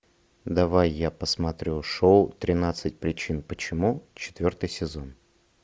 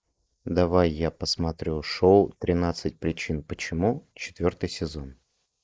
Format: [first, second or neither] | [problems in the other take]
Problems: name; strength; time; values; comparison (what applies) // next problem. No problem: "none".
first | noise reduction (neural mask model Resemble Enhance denoiser)